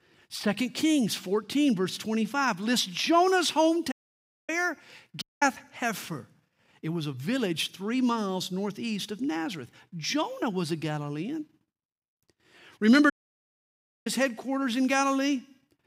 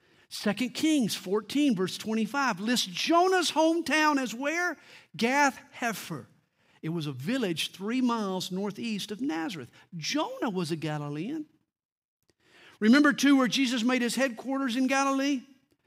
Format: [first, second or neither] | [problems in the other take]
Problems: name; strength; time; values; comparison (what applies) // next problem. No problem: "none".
second | audio cutting out; at 4 s for 0.5 s, at 5 s and at 13 s for 1 s